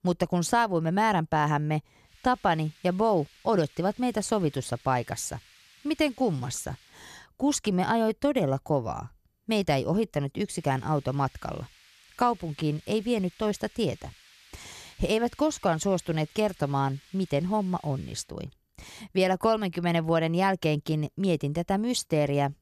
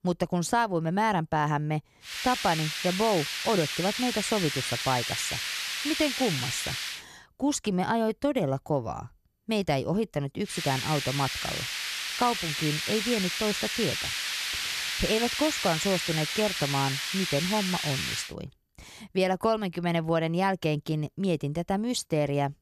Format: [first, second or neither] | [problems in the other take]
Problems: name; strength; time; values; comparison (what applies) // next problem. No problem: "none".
first | hiss; loud; from 2 to 7 s and from 11 to 18 s; 1 dB below the speech; faint in the first